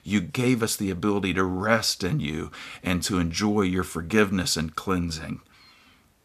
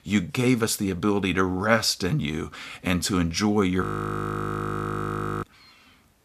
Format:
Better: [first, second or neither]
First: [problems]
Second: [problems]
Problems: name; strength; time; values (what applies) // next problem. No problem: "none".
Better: first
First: none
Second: audio freezing; at 4 s for 1.5 s